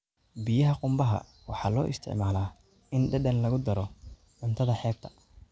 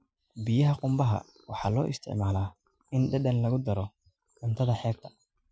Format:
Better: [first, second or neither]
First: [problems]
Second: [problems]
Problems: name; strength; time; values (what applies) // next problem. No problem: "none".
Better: first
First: none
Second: noise reduction (classical method Wiener filter)